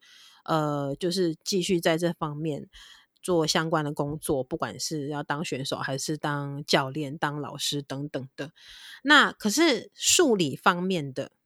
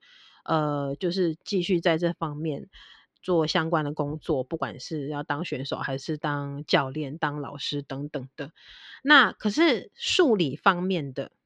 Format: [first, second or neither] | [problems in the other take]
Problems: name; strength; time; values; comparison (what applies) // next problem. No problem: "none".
first | muffled; slightly; fading above 4 kHz